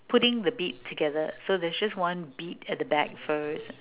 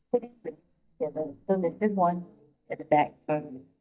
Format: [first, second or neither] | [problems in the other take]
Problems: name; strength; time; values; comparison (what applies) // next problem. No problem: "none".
first | noise reduction (neural mask model DeepFilterNet 3)